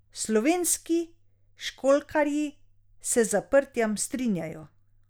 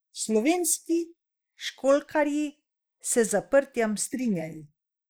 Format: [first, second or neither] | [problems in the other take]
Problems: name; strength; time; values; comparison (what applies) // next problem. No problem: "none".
first | noise reduction (neural mask model Resemble Enhance denoiser)